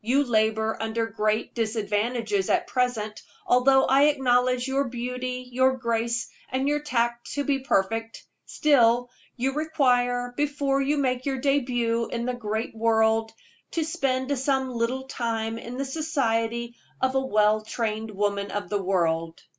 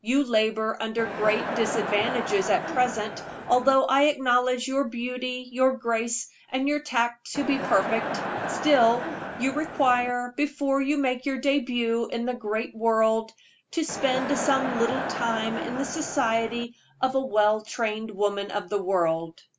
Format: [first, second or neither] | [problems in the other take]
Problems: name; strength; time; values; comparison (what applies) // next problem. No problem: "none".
first | background sound (Crowd); 6 dB below the speech